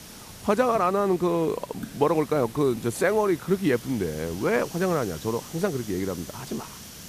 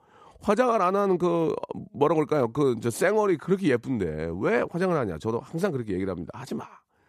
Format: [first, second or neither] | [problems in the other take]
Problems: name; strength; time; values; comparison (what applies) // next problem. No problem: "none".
second | hiss; noticeable; throughout; 15 dB below the speech